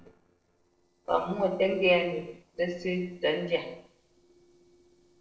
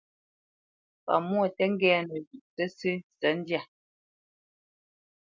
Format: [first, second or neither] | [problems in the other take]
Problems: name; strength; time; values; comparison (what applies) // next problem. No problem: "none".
second | noise reduction (neural separator model SepFormer DNS4)